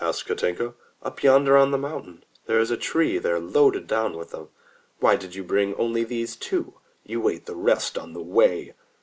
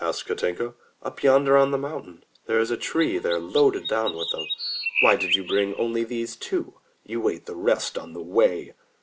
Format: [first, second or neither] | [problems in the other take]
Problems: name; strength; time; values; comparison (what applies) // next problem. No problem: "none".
first | background sound (Chirp, tweet); 5 dB below the speech